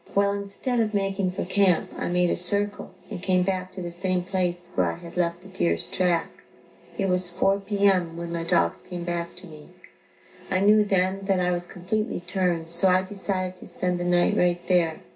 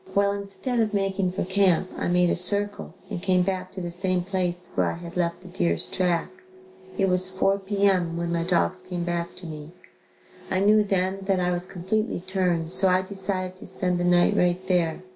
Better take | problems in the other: second | room echo; dies away in 0.2 s

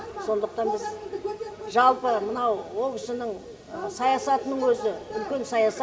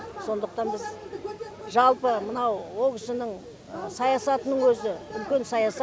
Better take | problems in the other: second | room echo; dies away in 2 s

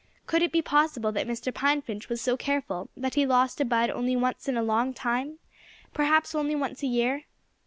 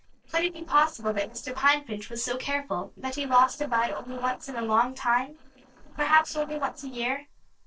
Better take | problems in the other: first | noise reduction (neural separator model SepFormer DNS4)

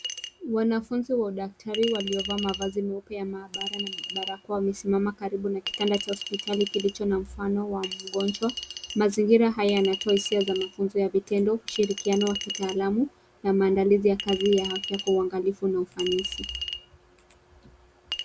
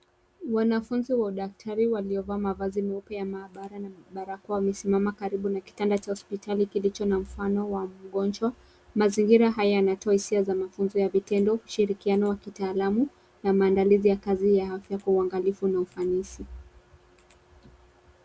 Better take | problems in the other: second | background sound (Chink, clink); 11 dB below the speech

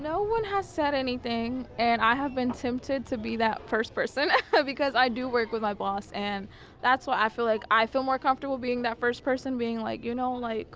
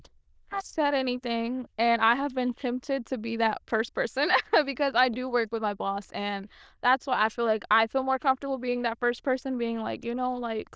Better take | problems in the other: first | noise reduction (neural diffusion model UNIVERSE++)

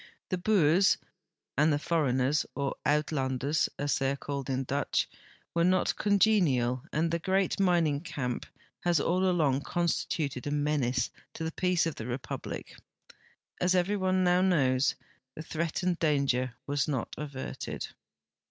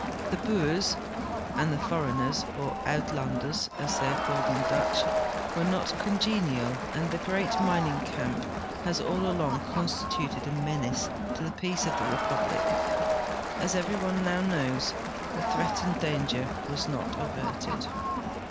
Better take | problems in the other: first | background sound (Crowd); as loud as the speech

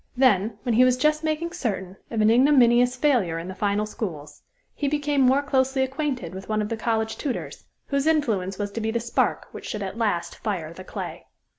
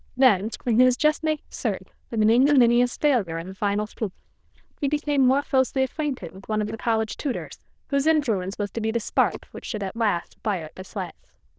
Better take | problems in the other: first | noise reduction (neural diffusion model UNIVERSE++)

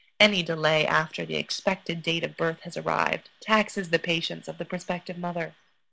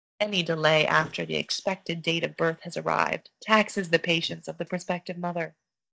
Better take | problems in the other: first | noise reduction (neural mask model DeepFilterNet 3)

